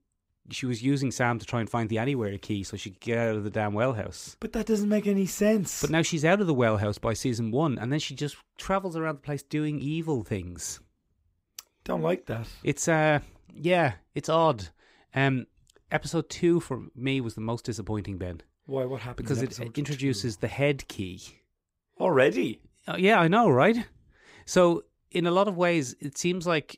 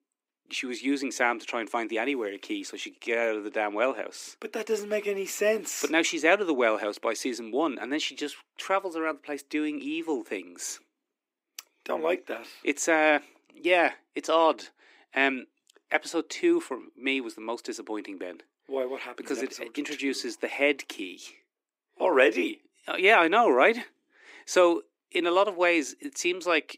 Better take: first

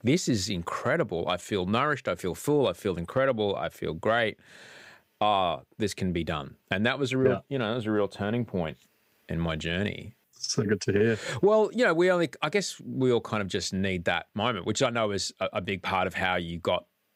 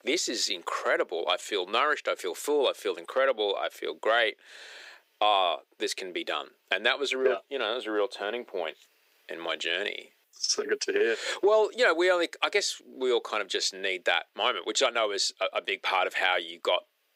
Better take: first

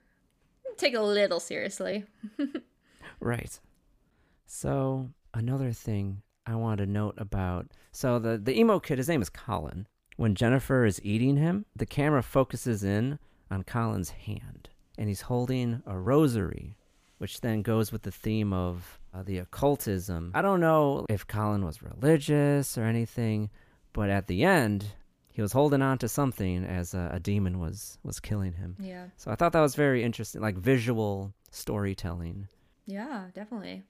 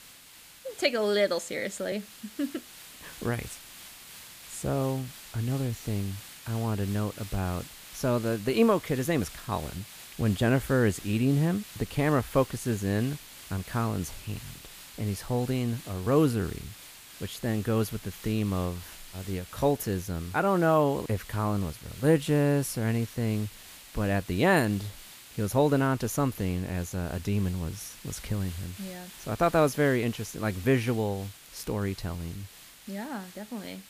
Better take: first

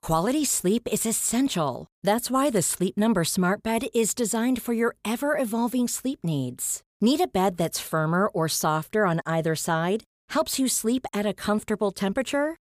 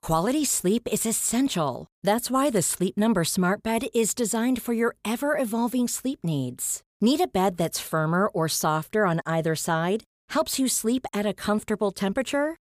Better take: neither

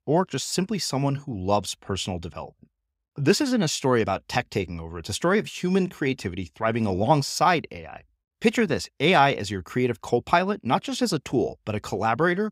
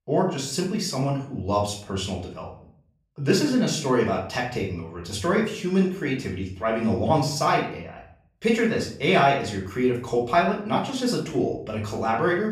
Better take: first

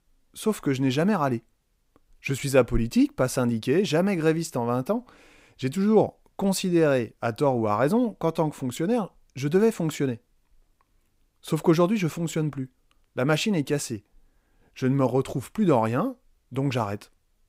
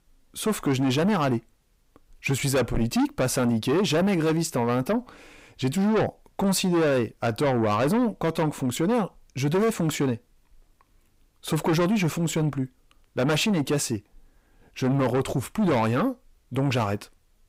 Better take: first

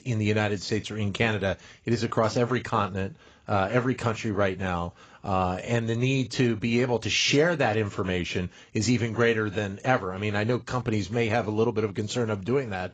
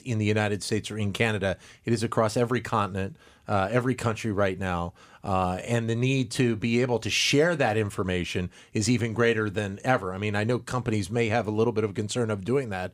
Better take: second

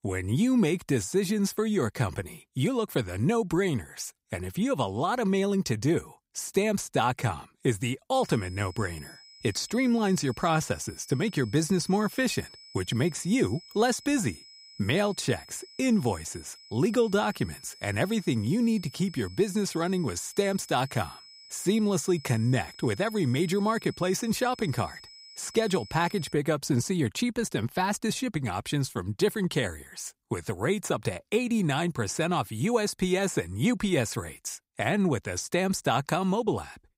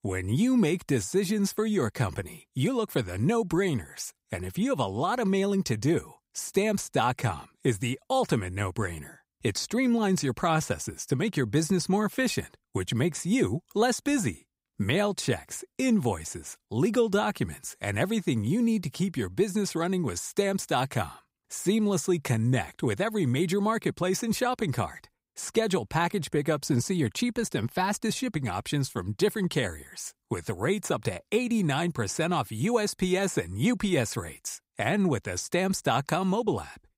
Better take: second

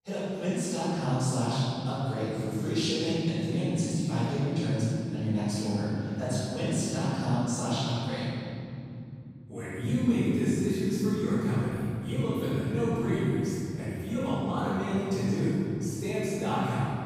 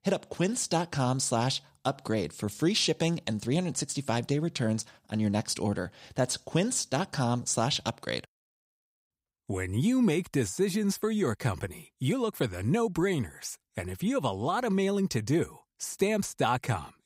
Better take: second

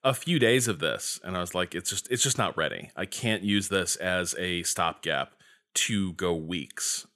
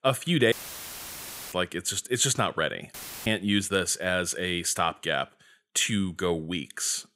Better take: first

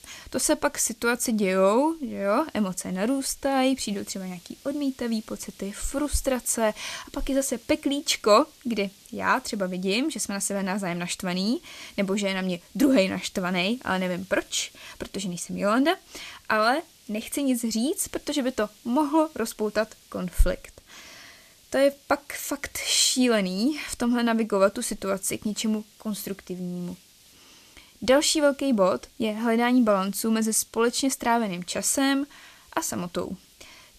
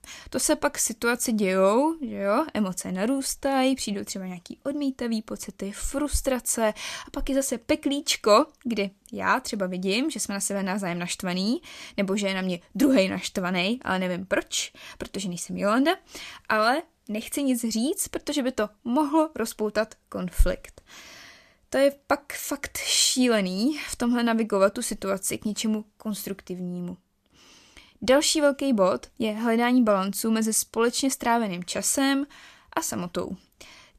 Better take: second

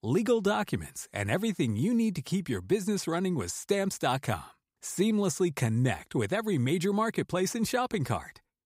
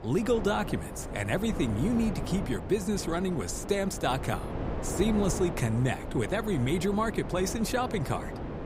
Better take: first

